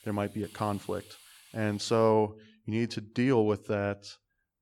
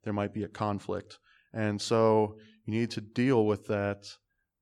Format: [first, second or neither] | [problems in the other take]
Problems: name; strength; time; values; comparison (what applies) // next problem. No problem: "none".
second | hiss; faint; until 2 s; 25 dB below the speech